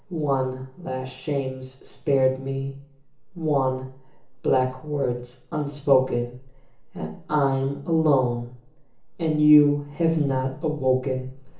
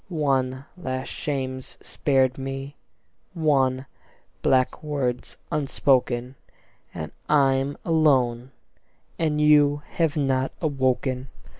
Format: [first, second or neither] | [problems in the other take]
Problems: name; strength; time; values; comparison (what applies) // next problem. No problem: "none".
second | room echo; dies away in 0.8 s